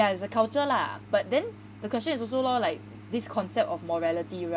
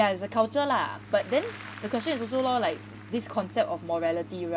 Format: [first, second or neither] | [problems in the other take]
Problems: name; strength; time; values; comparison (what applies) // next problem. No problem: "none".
first | background sound (Applause / Crowd); 20 dB below the speech